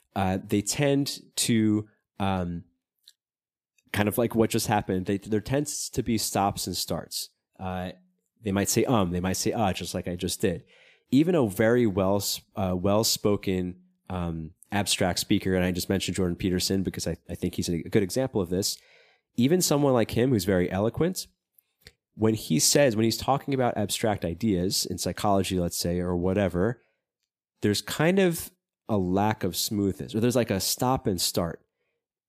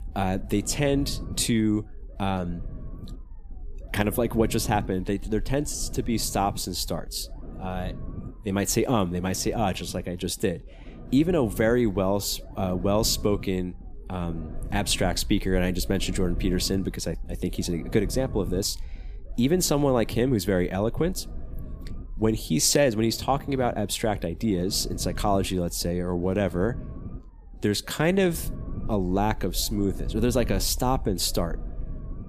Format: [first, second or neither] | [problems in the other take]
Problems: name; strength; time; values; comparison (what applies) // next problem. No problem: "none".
first | low rumble; faint; throughout; 20 dB below the speech